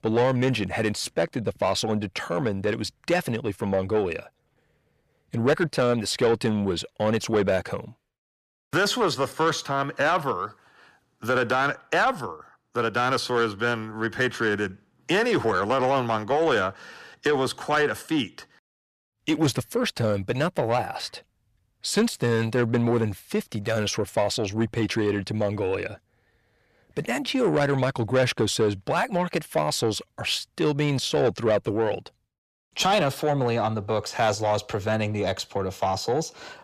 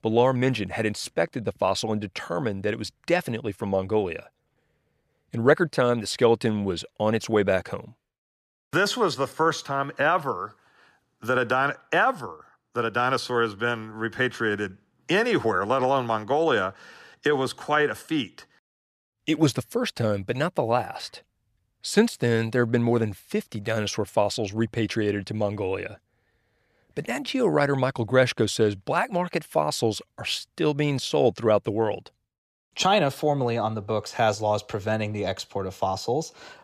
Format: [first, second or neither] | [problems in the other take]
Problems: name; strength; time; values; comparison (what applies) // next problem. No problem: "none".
second | distortion; slight; 10 dB below the speech